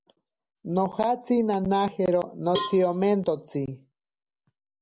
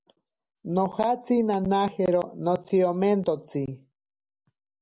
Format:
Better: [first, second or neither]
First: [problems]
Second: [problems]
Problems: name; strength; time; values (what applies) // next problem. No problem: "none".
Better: second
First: background sound (Cowbell); 12 dB below the speech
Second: none